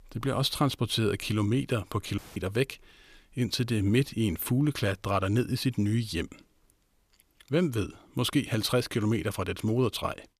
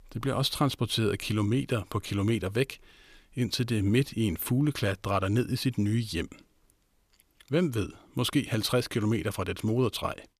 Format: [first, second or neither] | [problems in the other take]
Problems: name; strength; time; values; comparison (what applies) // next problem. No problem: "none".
second | audio cutting out; filled with static; at 2 s